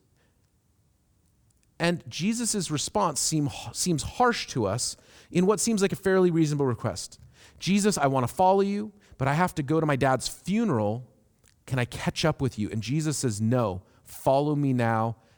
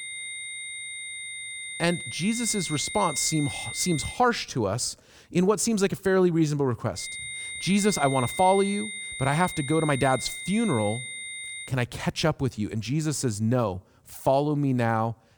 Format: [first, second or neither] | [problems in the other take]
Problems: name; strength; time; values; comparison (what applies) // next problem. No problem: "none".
first | high-pitched whine; loud; until 4 s and from 7 to 12 s; 2 kHz, 8 dB below the speech